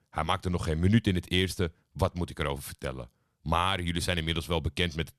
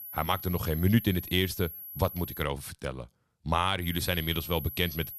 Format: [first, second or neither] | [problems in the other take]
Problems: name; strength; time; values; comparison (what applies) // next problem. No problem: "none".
first | high-pitched whine; loud; until 2.5 s and from 4 s on; 11.5 kHz, 10 dB below the speech